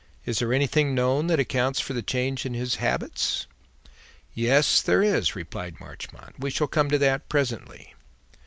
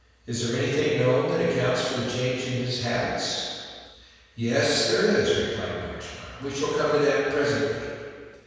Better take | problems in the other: first | room echo; dies away in 1.9 s

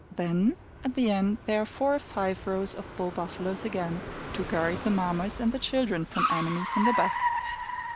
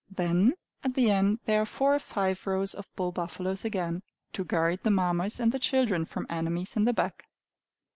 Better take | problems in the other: second | background sound (Car); 5 dB below the speech

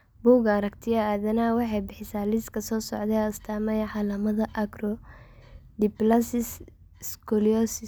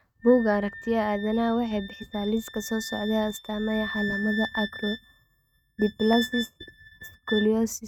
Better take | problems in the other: first | noise reduction (neural mask model RNNoise)

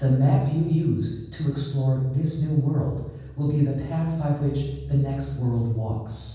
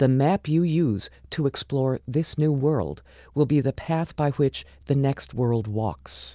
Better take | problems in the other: second | room echo; dies away in 1.2 s

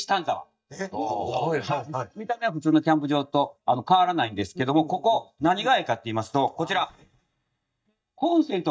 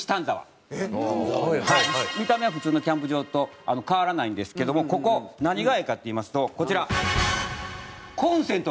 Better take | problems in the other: second | noise reduction (neural mask model DeepFilterNet 3)

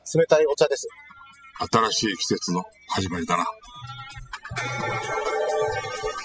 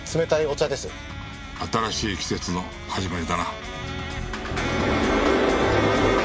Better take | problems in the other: second | noise reduction (classical method spectral subtraction)

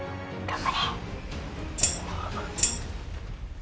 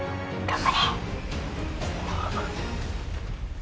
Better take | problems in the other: second | background sound (Tambourine); 3 dB above the speech

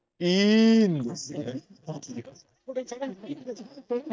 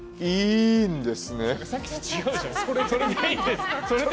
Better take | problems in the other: second | noise reduction (neural mask model DeepFilterNet 3)

